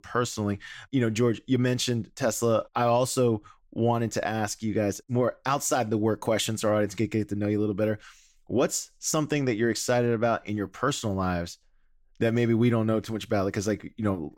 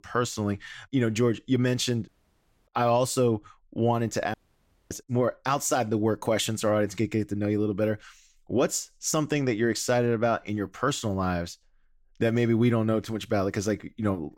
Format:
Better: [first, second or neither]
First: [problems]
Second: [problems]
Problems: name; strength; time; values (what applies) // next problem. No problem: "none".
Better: first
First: none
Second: audio cutting out; at 2 s for 0.5 s and at 4.5 s for 0.5 s